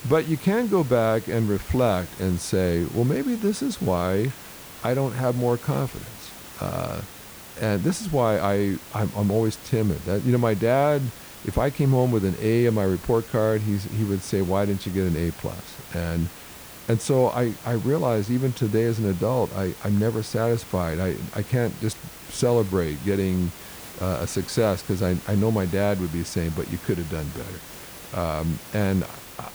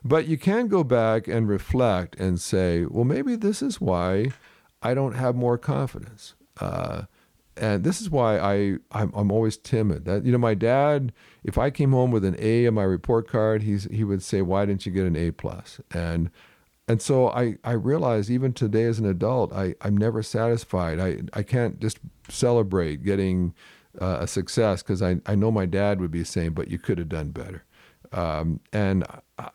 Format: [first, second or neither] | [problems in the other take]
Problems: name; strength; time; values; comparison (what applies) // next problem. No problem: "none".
second | hiss; noticeable; throughout; 15 dB below the speech